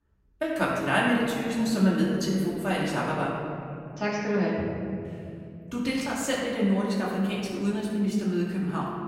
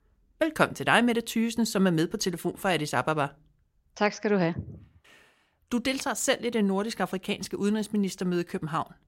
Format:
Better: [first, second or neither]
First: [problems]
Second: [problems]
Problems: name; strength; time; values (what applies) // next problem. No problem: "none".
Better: second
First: off-mic speech; far // room echo; noticeable; dies away in 3 s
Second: none